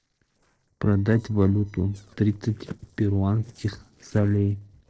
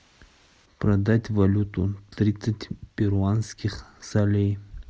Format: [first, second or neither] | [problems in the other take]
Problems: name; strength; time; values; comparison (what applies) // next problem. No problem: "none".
second | noise reduction (neural separator model SepFormer DNS4)